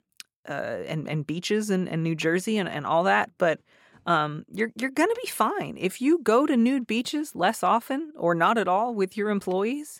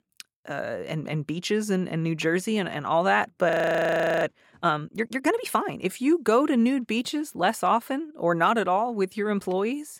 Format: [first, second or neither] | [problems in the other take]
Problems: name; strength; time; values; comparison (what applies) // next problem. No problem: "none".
first | audio freezing; at 3.5 s for 0.5 s